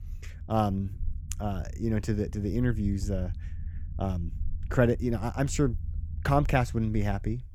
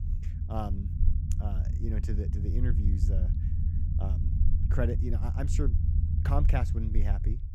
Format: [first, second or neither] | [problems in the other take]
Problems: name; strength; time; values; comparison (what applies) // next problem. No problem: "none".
first | low rumble; loud; throughout; 6 dB below the speech; faint in the first